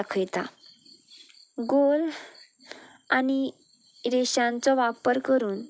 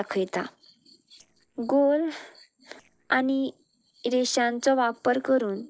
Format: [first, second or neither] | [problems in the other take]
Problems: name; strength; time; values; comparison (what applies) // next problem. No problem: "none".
first | noise reduction (neural separator model SepFormer DNS4)